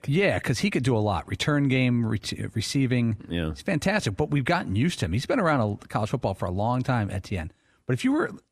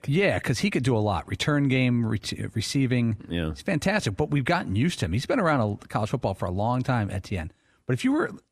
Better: neither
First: none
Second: none

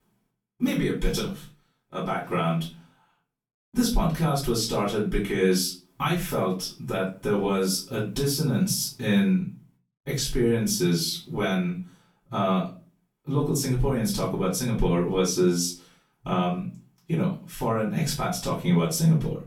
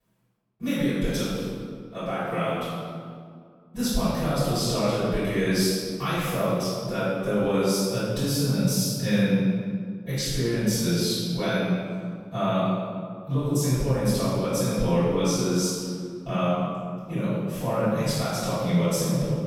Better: first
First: room echo; slight; dies away in 0.3 s // off-mic speech; far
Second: room echo; strong; dies away in 1.7 s // off-mic speech; far

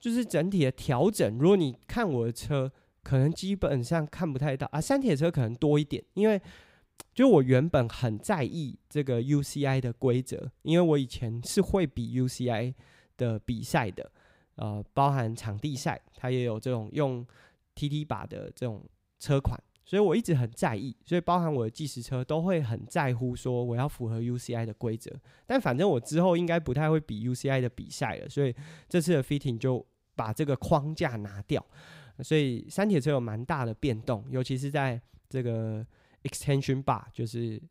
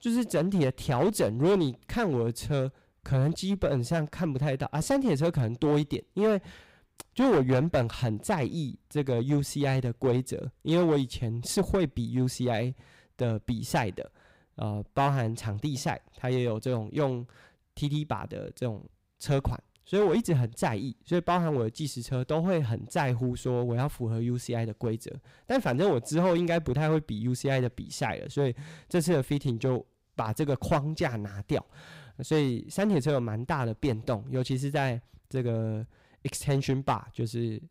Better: first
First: none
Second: distortion; slight; 5% of the sound clipped

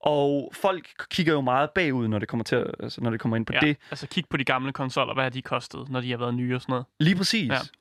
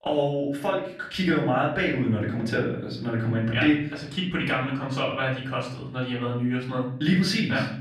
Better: first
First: none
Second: off-mic speech; far // room echo; slight; dies away in 0.7 s

